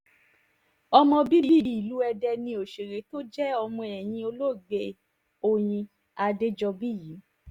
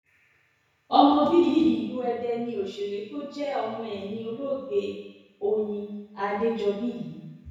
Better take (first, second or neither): first